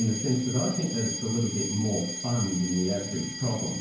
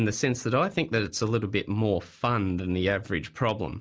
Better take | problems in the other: second | background sound (Alarm); 7 dB below the speech // room echo; dies away in 0.9 s

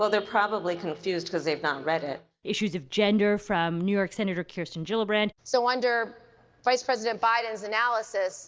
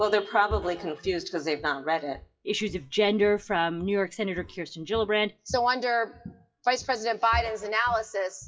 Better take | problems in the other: first | noise reduction (classical method WPE with log-MMSE)

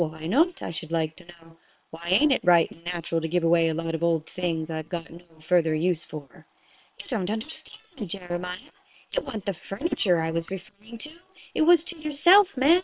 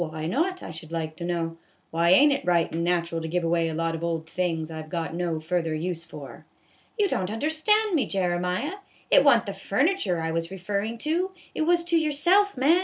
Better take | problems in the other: second | noise reduction (neural separator model SepFormer WHAM!)

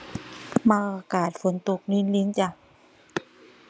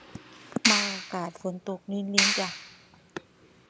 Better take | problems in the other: first | background sound (Clapping); 4 dB above the speech

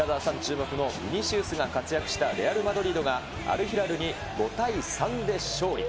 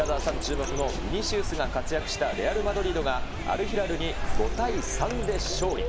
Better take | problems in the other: first | background sound (Printer); 2 dB below the speech

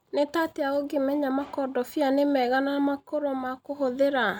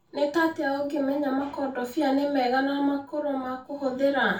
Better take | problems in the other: first | room echo; dies away in 0.3 s

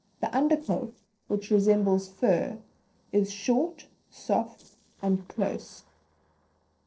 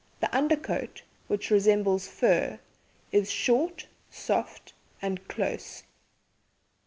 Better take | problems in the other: second | noise reduction (neural separator model SepFormer DNS4)

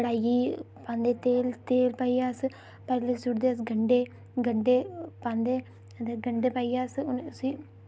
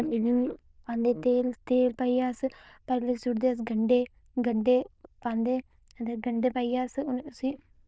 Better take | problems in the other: first | noise reduction (neural diffusion model UNIVERSE++)

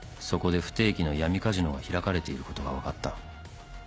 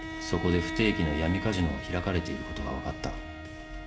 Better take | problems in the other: first | background sound (Bowed string instrument); 8 dB below the speech // room echo; dies away in 2.5 s

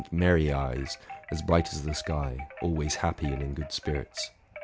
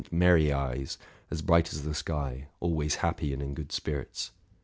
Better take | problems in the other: second | background sound (Wind chime); 15 dB below the speech

